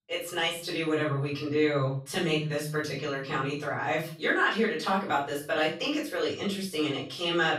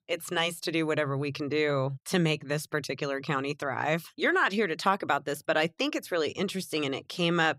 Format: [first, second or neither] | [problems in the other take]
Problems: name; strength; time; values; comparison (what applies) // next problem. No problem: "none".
second | off-mic speech; far // room echo; noticeable; dies away in 0.4 s